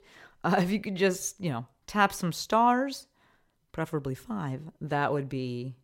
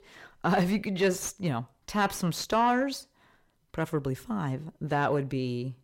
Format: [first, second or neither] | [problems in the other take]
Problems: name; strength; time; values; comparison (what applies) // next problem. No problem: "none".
first | distortion; slight; 10 dB below the speech